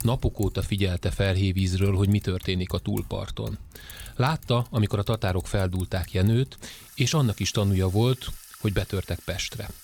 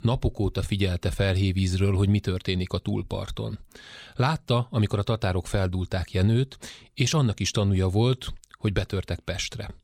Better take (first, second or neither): second